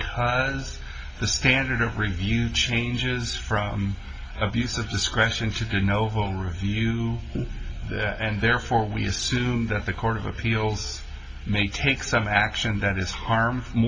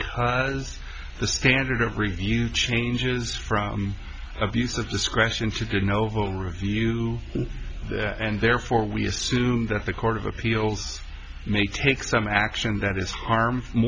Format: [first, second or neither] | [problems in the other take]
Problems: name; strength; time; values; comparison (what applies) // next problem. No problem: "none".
second | room echo; dies away in 2.1 s